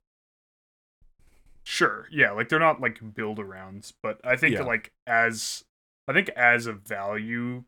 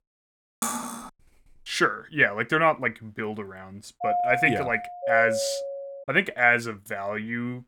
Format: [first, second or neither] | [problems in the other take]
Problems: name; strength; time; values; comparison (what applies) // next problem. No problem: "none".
first | clattering dishes; noticeable; at 0.5 s; peak 4 dB below the speech // doorbell; noticeable; from 4 to 6 s; peak 1 dB below the speech